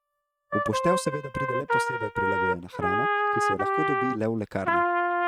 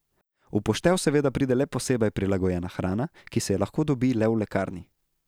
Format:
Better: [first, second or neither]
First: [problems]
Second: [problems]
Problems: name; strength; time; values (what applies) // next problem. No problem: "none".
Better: second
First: noise reduction (neural mask model RNNoise)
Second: none